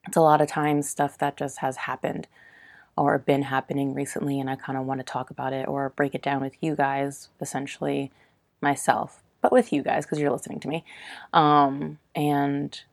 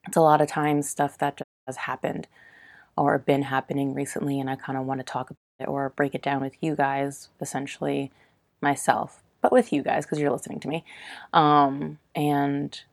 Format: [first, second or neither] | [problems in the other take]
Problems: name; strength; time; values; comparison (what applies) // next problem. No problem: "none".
first | audio cutting out; at 1.5 s and at 5.5 s